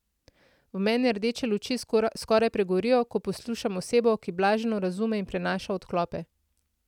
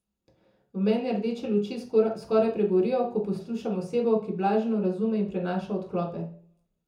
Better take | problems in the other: first | room echo; dies away in 0.5 s

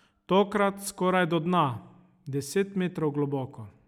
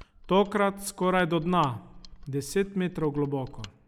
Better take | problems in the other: first | background sound (Mechanisms); 19 dB below the speech

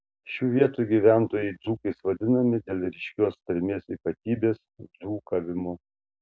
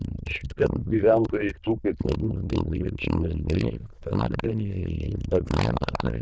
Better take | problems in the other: first | noise reduction (neural diffusion model UNIVERSE++)

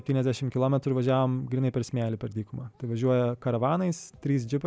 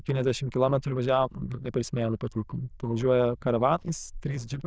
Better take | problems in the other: first | noise reduction (neural diffusion model UNIVERSE++)

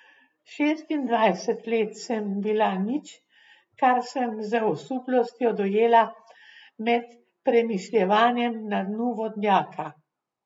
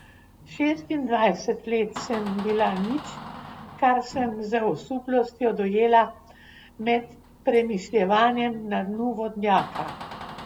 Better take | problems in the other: first | background sound (Door); 17 dB below the speech

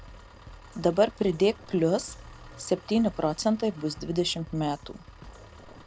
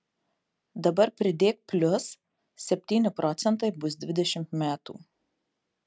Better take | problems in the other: second | background sound (Drum kit + Engine); 19 dB below the speech

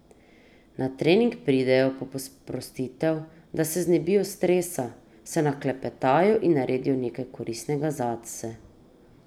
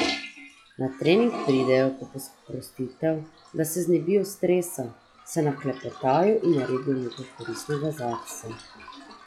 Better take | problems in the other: first | noise reduction (classical method log-MMSE)

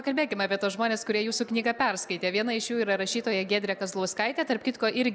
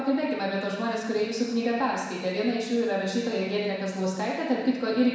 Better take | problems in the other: first | room echo; dies away in 1.1 s

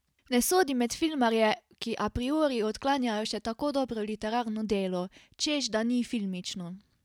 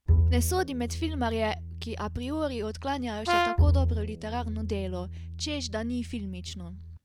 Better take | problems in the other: first | background sound (Bowed string instrument + Brass instrument); 4 dB above the speech

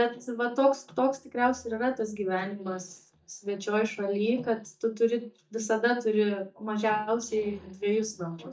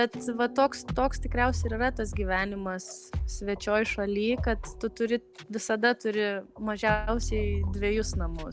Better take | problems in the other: second | noise reduction (neural mask model DeepFilterNet 3)

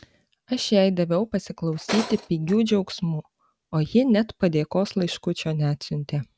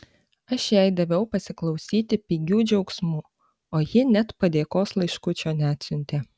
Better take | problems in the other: second | background sound (Tools); 11 dB below the speech

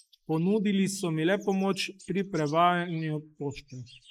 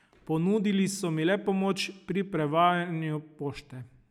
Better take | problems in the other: second | noise reduction (neural mask model Resemble Enhance denoiser)

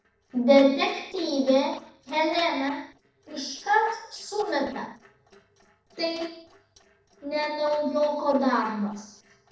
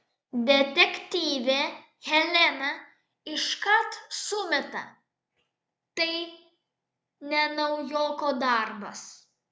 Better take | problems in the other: second | noise reduction (neural separator model SepFormer DNS4)

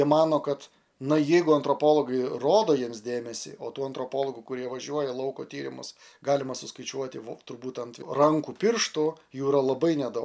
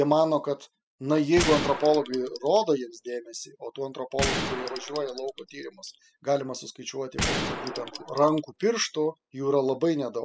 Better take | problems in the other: first | noise reduction (classical method spectral subtraction)

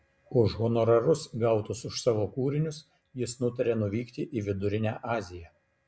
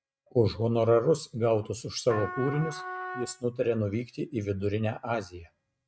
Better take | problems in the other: first | noise reduction (neural mask model RNNoise)

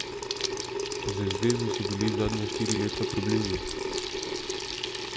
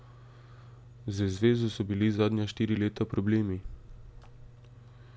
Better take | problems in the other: second | background sound (Sink (filling or washing) / Water tap, faucet); 1 dB above the speech

